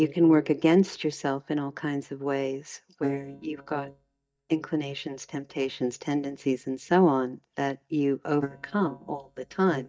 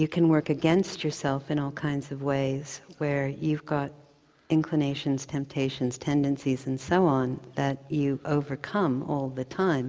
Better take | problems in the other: second | noise reduction (neural mask model DeepFilterNet 3)

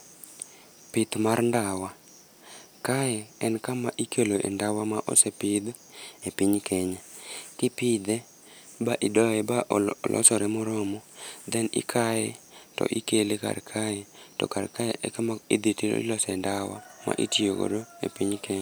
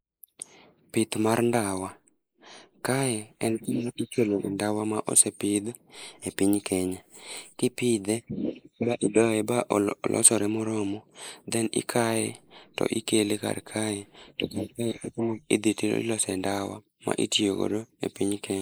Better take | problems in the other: first | noise reduction (neural mask model Resemble Enhance denoiser)

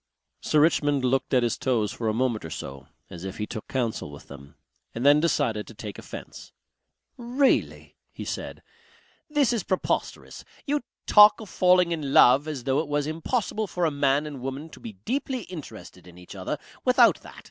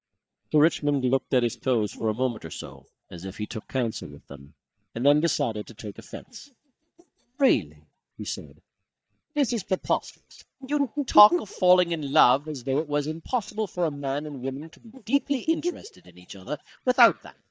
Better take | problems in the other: first | noise reduction (neural mask model DeepFilterNet 3)

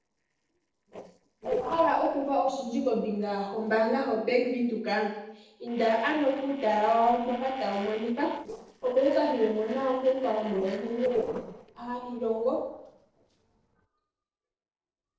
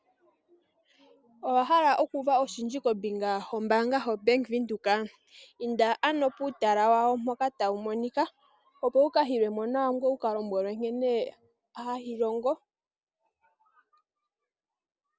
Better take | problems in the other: second | noise reduction (neural separator model SepFormer DNS4)

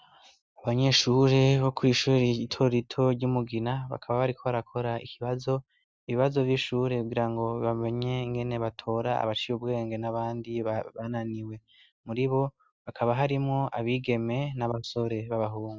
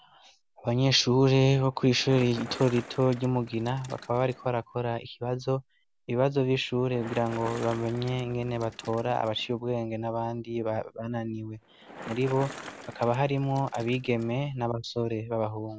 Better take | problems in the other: first | background sound (Bicycle); 19 dB below the speech

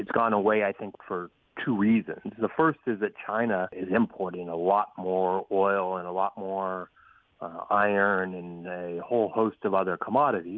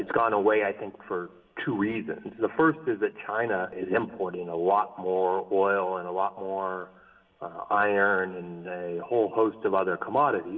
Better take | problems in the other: first | room echo; dies away in 1.1 s

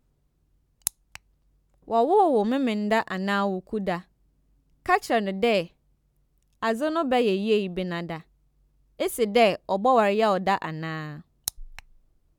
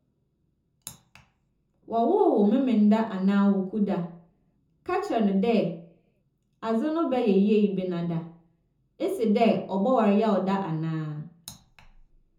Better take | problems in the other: first | room echo; dies away in 0.5 s

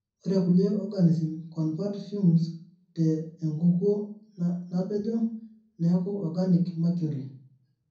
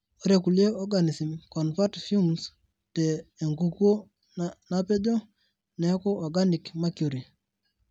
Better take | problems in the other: second | room echo; dies away in 0.6 s

